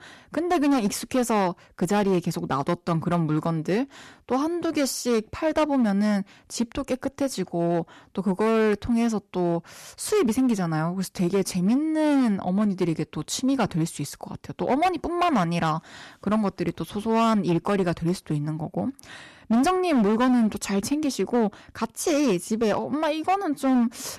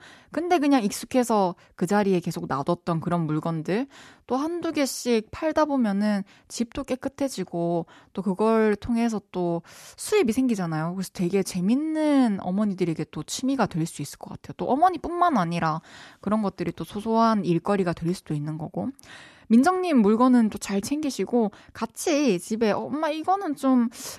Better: second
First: distortion; slight; 9% of the sound clipped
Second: none

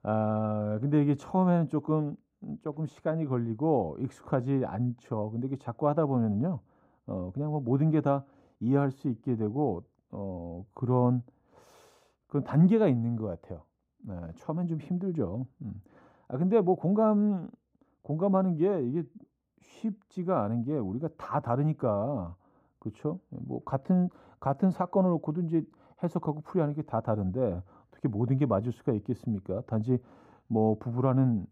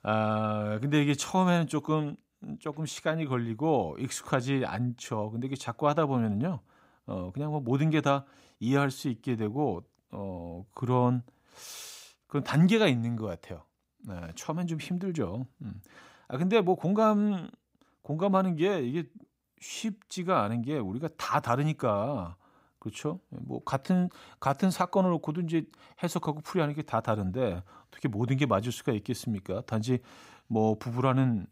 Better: second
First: muffled; very; fading above 1.5 kHz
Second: none

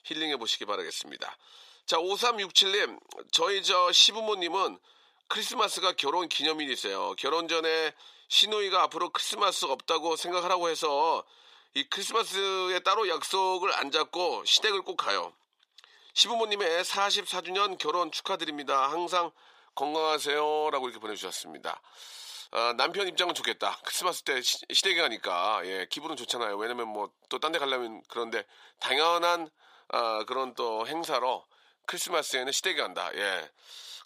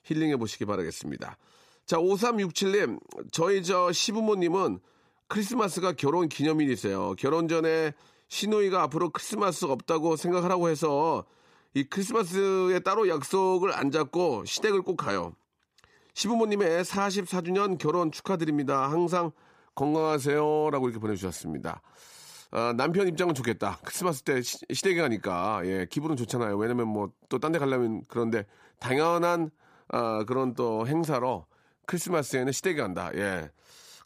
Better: second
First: thin; very; fading below 650 Hz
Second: none

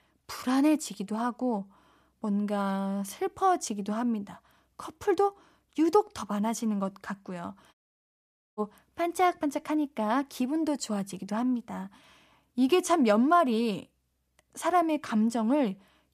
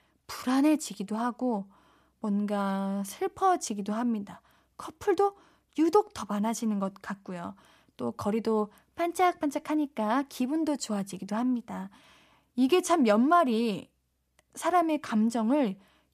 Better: second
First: audio cutting out; at 7.5 s for 1 s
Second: none

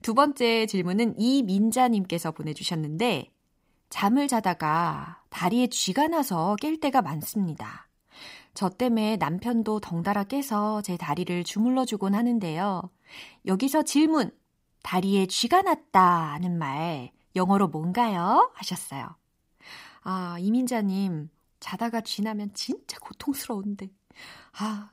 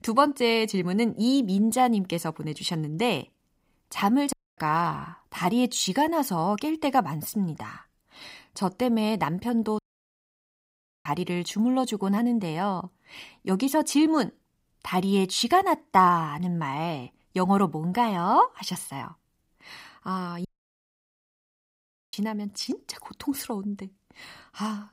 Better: first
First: none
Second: audio cutting out; at 4.5 s, at 10 s for 1.5 s and at 20 s for 1.5 s

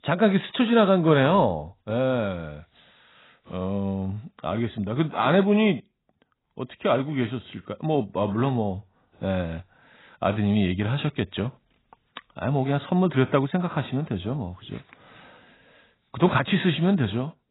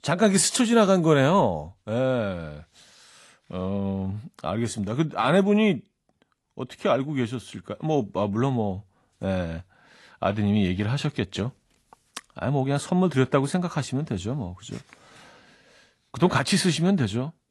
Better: second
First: garbled, watery; badly; nothing above 4 kHz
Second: garbled, watery; slightly

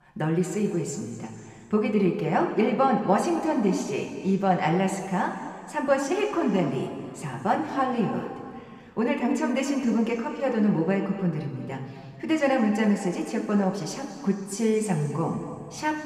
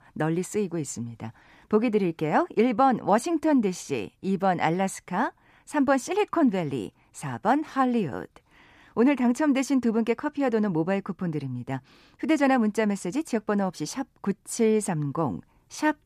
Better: second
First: room echo; noticeable; dies away in 2.1 s // off-mic speech; somewhat distant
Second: none

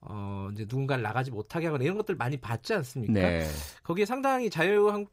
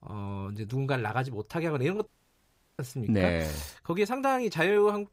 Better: first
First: none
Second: audio cutting out; at 2 s for 0.5 s

